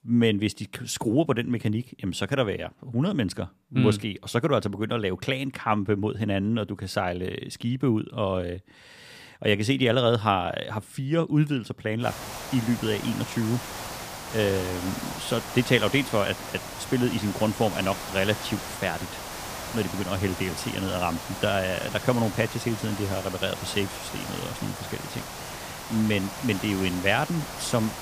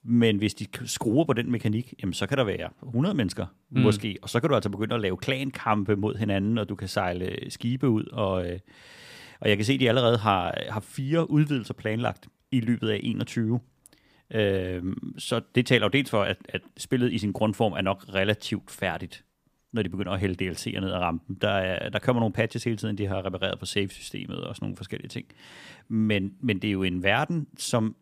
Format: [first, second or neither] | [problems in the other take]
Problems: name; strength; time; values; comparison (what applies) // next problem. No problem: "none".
second | hiss; loud; from 12 s on; 9 dB below the speech